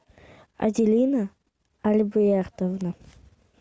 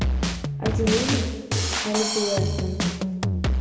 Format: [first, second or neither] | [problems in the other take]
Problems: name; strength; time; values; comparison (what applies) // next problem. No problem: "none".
first | background sound (Drum kit); 4 dB above the speech // room echo; dies away in 2.2 s